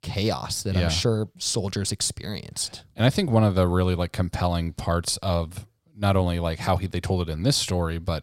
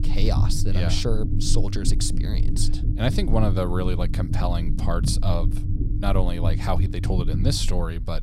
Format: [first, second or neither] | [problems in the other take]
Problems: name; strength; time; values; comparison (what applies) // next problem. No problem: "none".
first | low rumble; loud; throughout; 9 dB below the speech